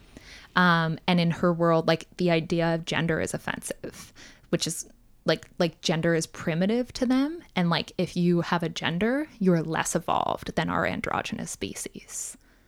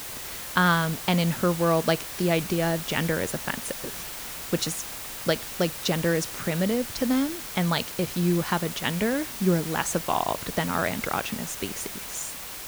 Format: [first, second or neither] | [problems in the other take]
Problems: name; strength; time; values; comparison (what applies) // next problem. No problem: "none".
first | hiss; loud; throughout; 7 dB below the speech